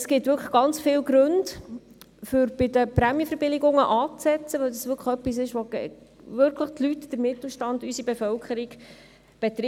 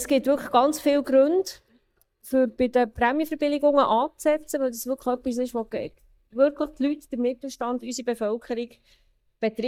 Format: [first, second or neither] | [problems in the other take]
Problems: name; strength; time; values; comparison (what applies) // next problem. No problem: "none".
first | noise reduction (neural mask model DeepFilterNet 3)